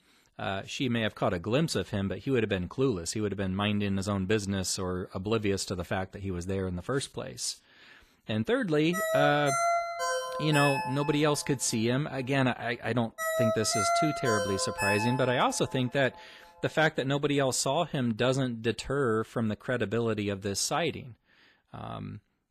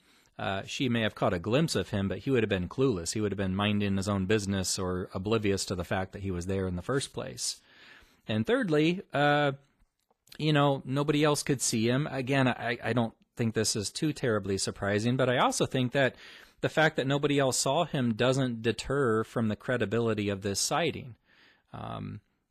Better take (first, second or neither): second